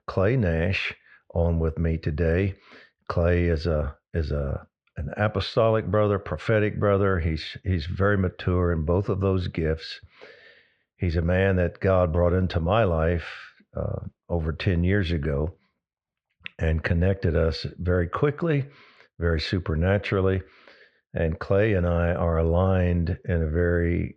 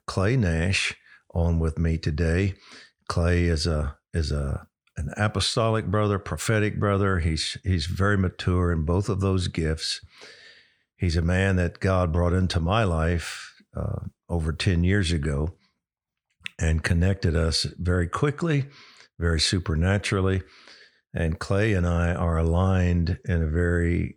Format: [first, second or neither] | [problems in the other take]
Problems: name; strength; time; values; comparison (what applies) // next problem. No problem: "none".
second | muffled; slightly; fading above 3.5 kHz